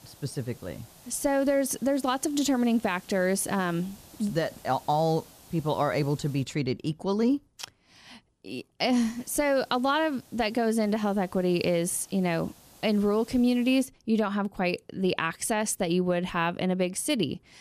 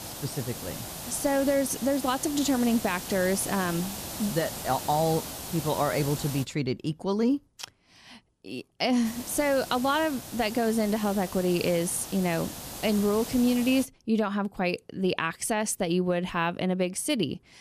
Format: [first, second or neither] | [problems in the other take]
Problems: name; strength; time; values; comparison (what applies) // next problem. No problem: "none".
first | hiss; loud; until 6.5 s and from 9 to 14 s; 9 dB below the speech; faint in the first